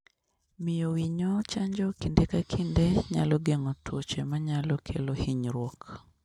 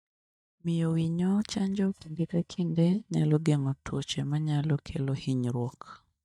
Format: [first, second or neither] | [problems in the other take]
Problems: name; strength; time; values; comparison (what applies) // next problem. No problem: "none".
first | noise reduction (neural mask model DeepFilterNet 3)